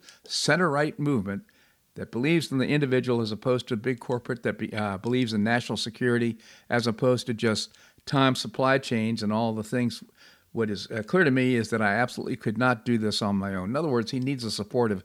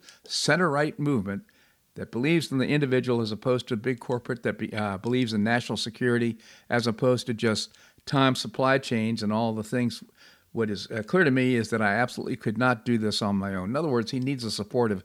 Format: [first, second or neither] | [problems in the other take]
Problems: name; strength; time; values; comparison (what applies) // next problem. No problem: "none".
neither | none